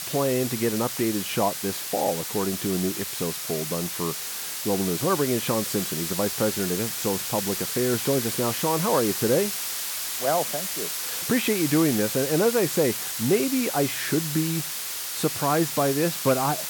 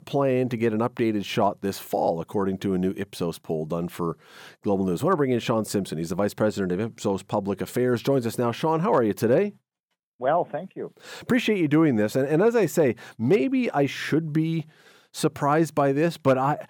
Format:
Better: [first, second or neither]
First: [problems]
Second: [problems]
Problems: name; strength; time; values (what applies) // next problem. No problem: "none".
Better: second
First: hiss; loud; throughout; 2 dB below the speech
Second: none